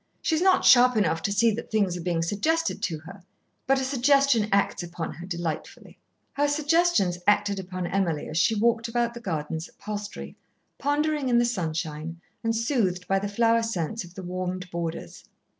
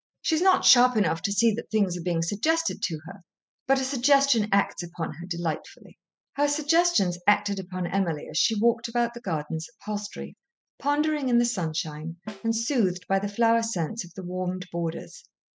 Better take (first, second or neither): first